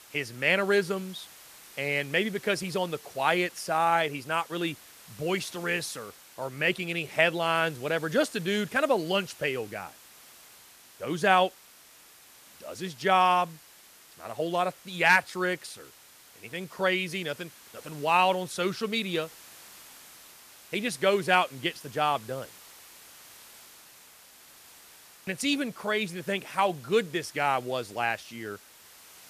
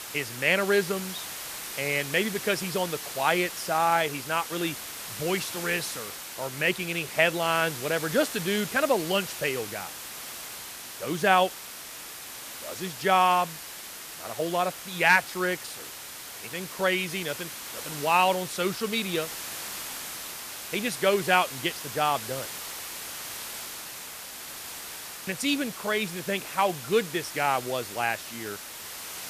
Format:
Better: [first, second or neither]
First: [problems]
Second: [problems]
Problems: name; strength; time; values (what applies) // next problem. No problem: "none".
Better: first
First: hiss; faint; throughout; 20 dB below the speech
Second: hiss; loud; throughout; 10 dB below the speech